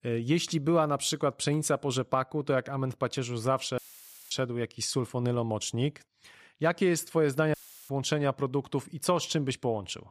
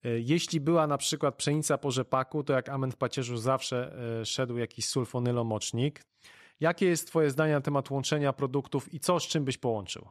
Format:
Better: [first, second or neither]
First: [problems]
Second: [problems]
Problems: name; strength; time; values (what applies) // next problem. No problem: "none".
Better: second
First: audio cutting out; filled with static; at 4 s for 0.5 s and at 7.5 s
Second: none